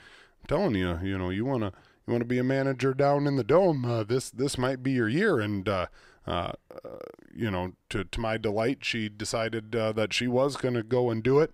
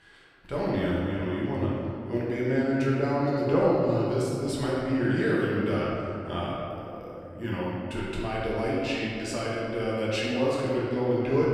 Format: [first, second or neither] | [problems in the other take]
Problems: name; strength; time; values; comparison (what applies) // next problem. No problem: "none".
first | room echo; strong; dies away in 2.6 s // off-mic speech; far